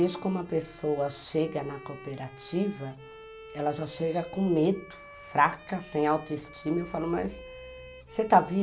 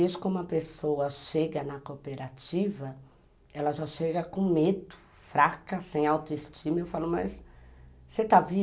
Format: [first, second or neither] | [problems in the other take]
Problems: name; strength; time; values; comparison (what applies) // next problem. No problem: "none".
second | background sound (Bowed string instrument); 18 dB below the speech